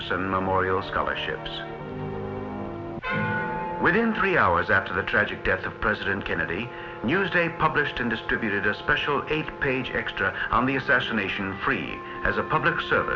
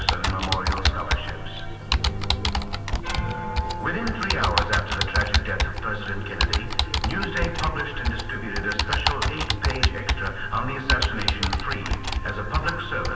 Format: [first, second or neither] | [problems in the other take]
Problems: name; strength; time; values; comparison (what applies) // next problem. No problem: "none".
first | background sound (Computer keyboard); 3 dB above the speech // room echo; dies away in 1.3 s